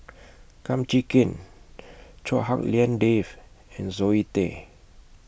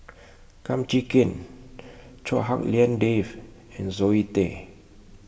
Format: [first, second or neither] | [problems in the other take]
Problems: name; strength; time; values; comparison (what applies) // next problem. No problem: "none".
first | room echo; dies away in 2.8 s